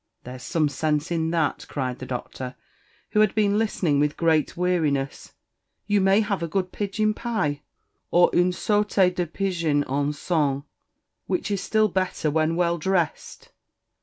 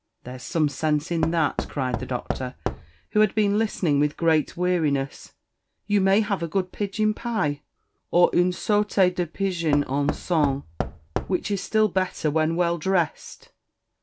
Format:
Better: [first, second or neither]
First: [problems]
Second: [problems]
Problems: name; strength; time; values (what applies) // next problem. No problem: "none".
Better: first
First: none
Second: background sound (Knock / Wood); 7 dB below the speech